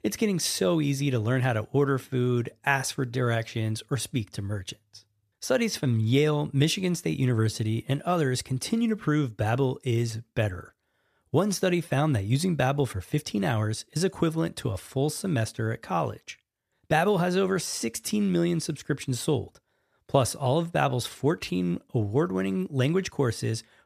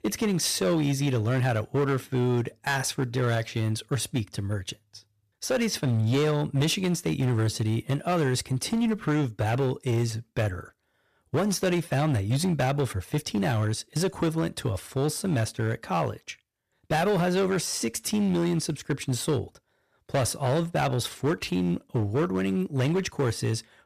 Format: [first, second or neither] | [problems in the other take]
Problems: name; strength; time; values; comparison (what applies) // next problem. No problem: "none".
first | distortion; slight; 12% of the sound clipped